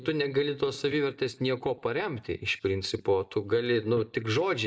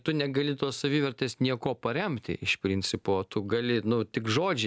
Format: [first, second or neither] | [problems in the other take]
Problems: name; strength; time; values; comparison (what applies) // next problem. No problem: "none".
second | noise reduction (neural mask model DeepFilterNet 3)